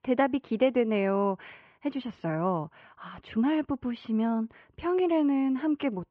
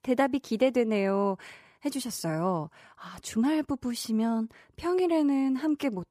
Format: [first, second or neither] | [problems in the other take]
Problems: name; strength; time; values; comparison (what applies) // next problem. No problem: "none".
second | muffled; very; fading above 3 kHz